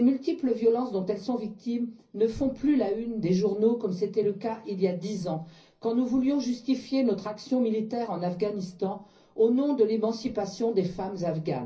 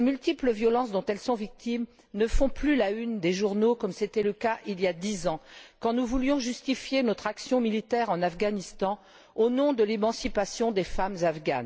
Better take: second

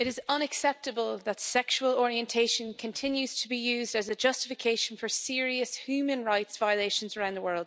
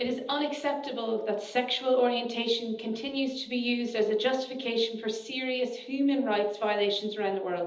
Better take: first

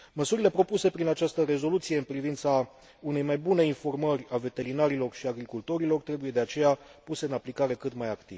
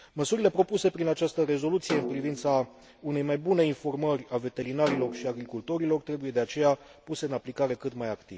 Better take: first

